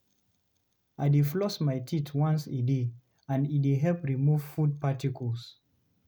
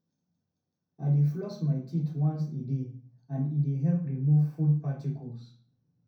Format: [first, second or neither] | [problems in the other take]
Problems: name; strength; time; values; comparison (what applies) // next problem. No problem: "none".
first | room echo; dies away in 0.5 s